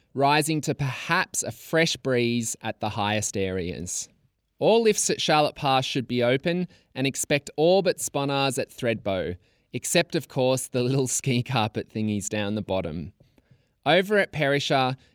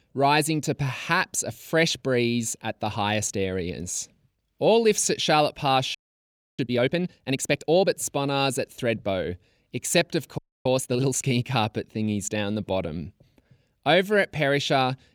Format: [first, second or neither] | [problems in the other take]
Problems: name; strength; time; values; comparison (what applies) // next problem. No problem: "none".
first | audio freezing; at 6 s for 0.5 s and at 10 s